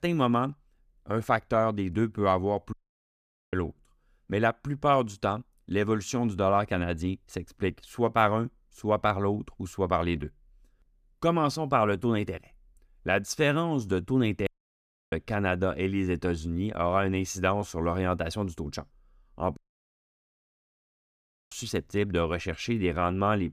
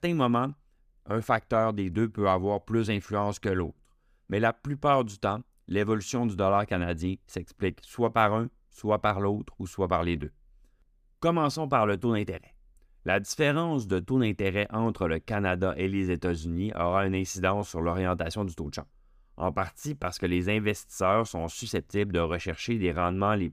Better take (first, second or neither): second